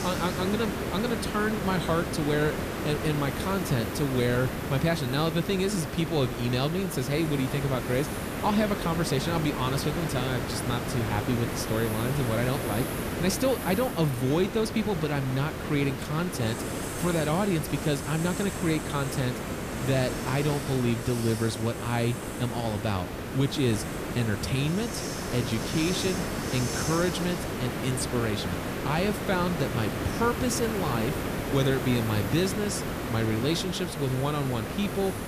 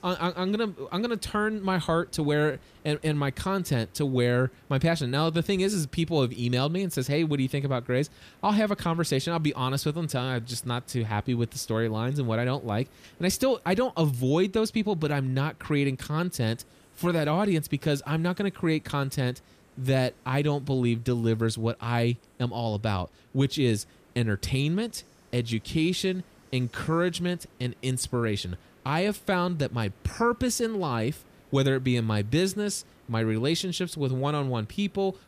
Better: second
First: hiss; loud; throughout; 4 dB below the speech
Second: hiss; faint; throughout; 30 dB below the speech

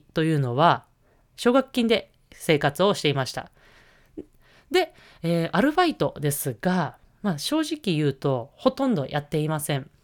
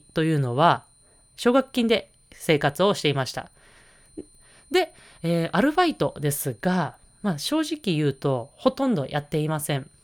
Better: first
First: none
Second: high-pitched whine; faint; throughout; 9 kHz, 30 dB below the speech

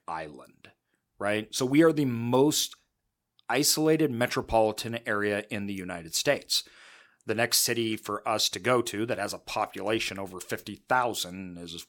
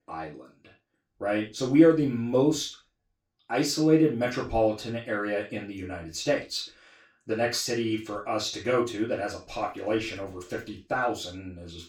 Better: first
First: none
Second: room echo; slight; dies away in 0.3 s // off-mic speech; far

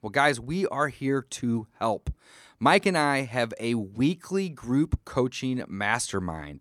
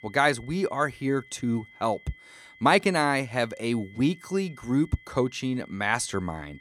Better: first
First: none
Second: high-pitched whine; faint; throughout; 2 kHz, 25 dB below the speech

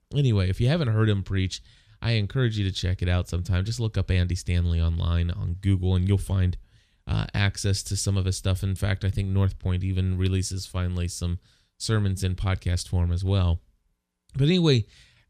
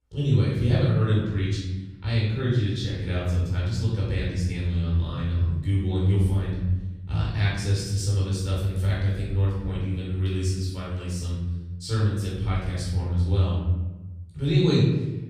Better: first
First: none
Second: off-mic speech; far // room echo; noticeable; dies away in 1.2 s

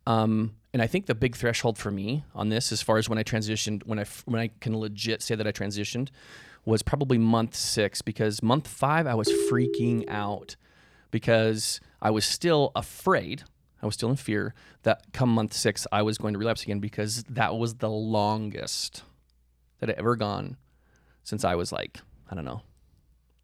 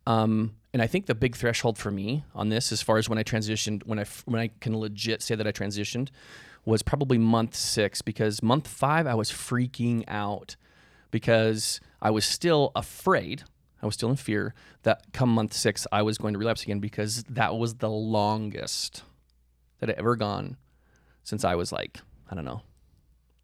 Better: second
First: phone ringing; loud; at 9.5 s; peak 2 dB above the speech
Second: none

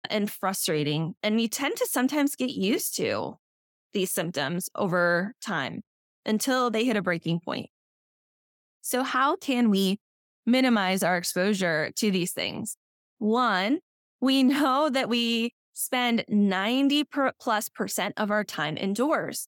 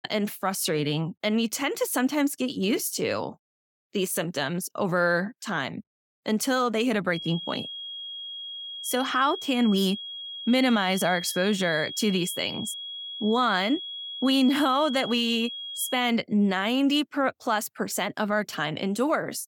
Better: first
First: none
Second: high-pitched whine; loud; from 7 to 16 s; 3.5 kHz, 8 dB below the speech

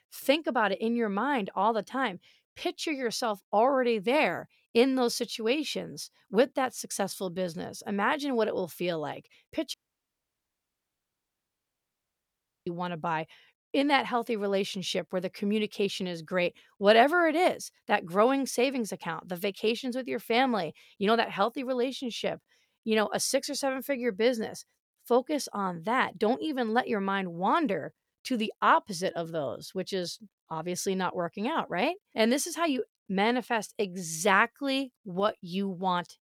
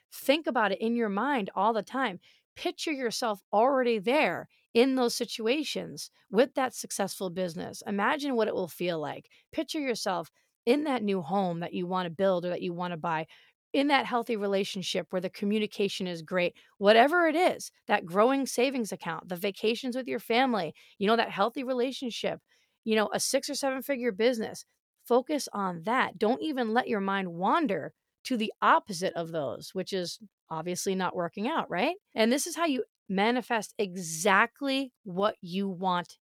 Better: second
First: audio cutting out; at 9.5 s for 3 s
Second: none

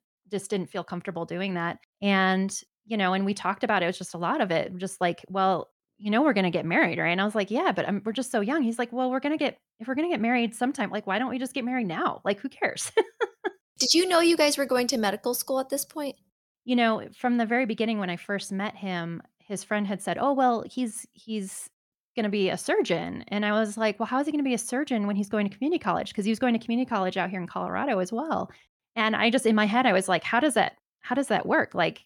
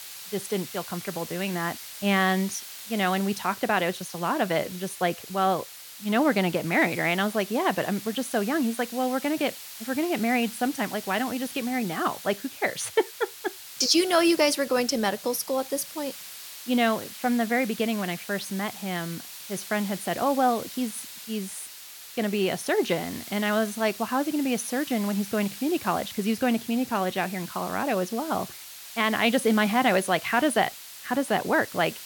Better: first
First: none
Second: hiss; noticeable; throughout; 10 dB below the speech

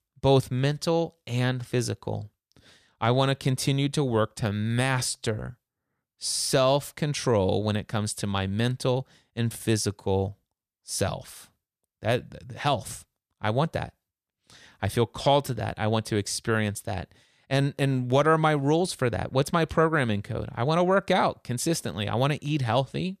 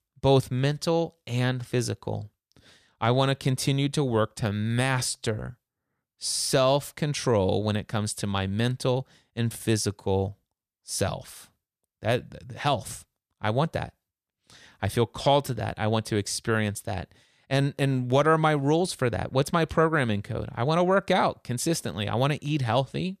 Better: neither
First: none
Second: none

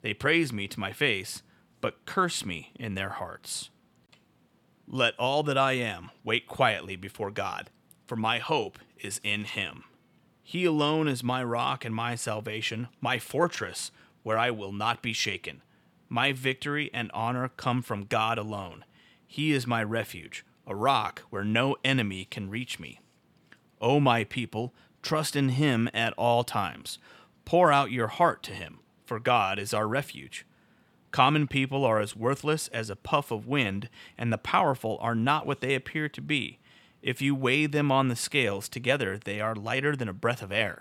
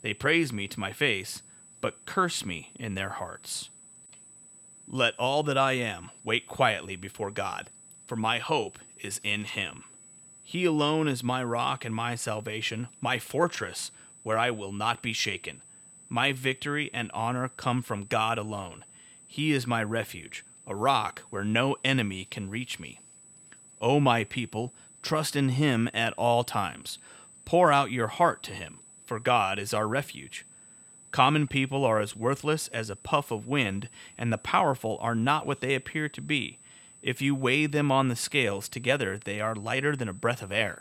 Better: first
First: none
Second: high-pitched whine; faint; throughout; 8 kHz, 20 dB below the speech

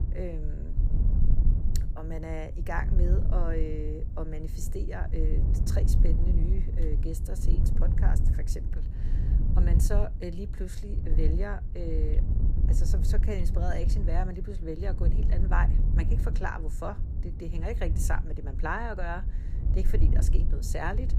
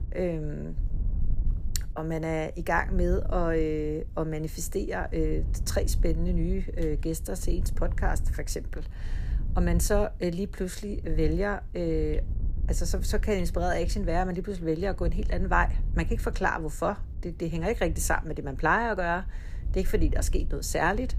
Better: second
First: wind noise on the microphone; heavy; 8 dB below the speech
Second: wind noise on the microphone; occasional gusts; 20 dB below the speech

